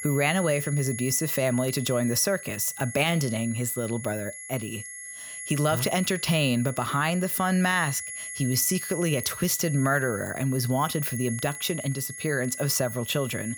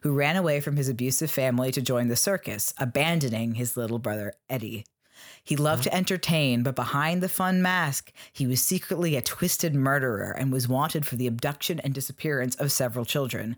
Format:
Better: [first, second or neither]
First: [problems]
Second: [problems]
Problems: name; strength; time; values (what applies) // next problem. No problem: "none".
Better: second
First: high-pitched whine; loud; throughout; 2 kHz, 10 dB below the speech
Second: none